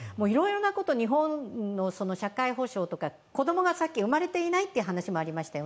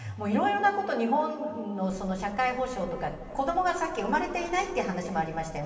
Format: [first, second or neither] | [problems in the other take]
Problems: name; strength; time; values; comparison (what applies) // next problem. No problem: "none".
first | background sound (Subway, metro, underground); 16 dB below the speech // room echo; dies away in 2.7 s